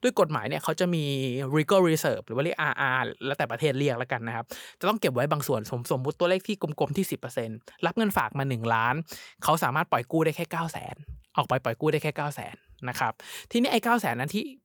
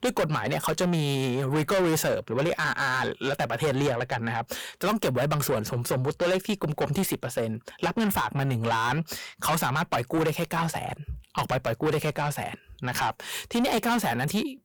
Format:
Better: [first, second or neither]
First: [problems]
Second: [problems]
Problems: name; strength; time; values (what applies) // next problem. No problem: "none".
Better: first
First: none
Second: distortion; heavy; 6 dB below the speech